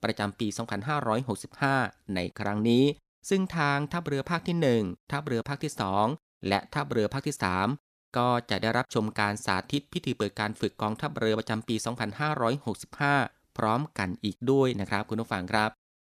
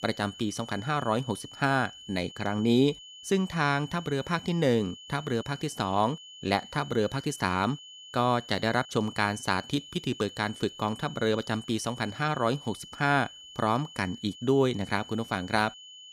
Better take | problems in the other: first | high-pitched whine; noticeable; throughout; 3 kHz, 15 dB below the speech

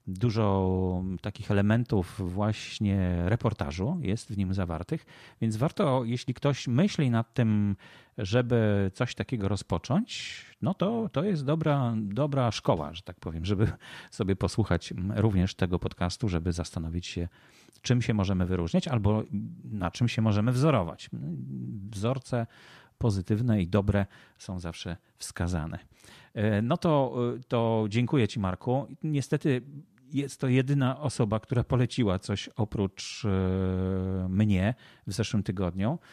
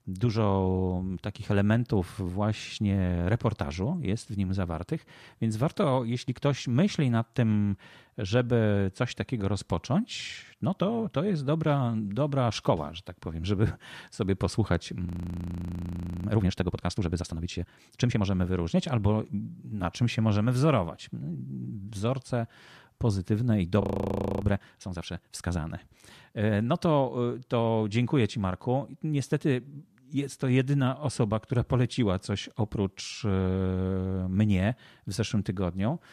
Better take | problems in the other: first | audio freezing; at 15 s for 1 s and at 24 s for 0.5 s

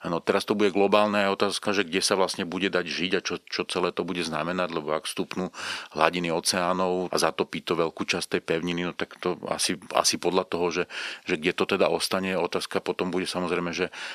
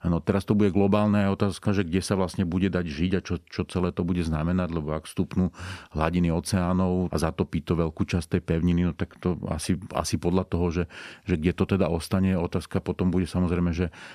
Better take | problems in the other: second | thin; somewhat; fading below 400 Hz

